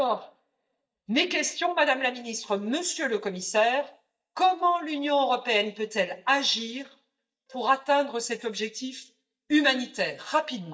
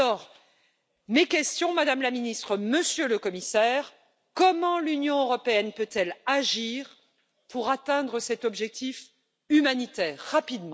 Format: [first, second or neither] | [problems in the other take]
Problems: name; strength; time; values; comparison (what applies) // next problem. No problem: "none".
second | noise reduction (neural mask model DeepFilterNet 3)